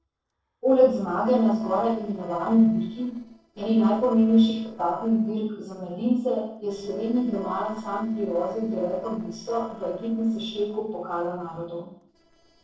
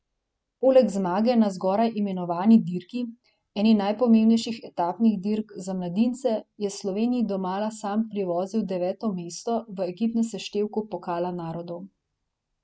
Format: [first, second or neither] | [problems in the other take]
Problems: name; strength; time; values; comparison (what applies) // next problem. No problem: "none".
second | noise reduction (neural separator model SepFormer DNS4)